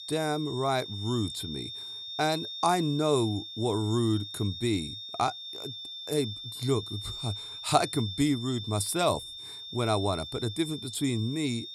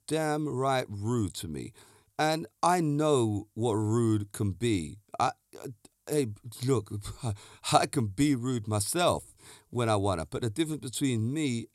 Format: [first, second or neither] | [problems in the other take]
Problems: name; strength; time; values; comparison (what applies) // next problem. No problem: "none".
second | high-pitched whine; loud; throughout; 3.5 kHz, 8 dB below the speech